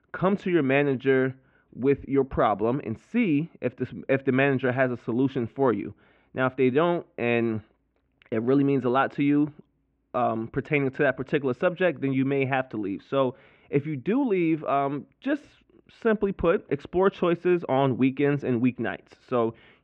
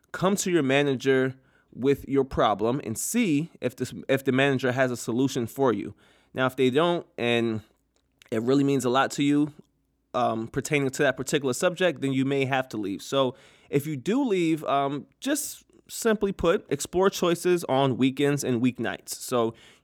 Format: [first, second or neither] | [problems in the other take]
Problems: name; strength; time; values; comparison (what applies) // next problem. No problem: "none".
second | muffled; very; fading above 2.5 kHz